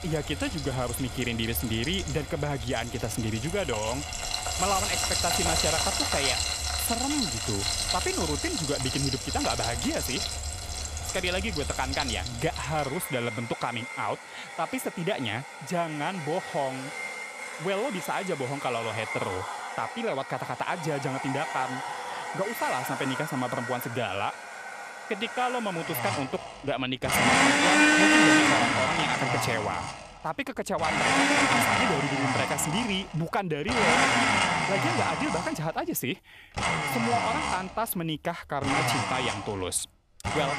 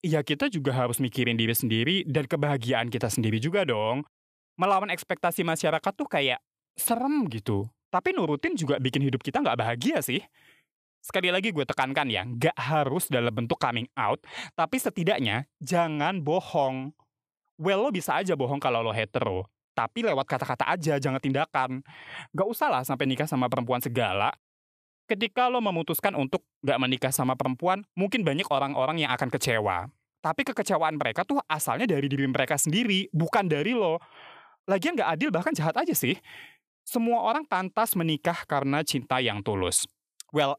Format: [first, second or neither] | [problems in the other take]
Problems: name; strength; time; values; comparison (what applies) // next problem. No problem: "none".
second | household noises; very loud; throughout; 3 dB above the speech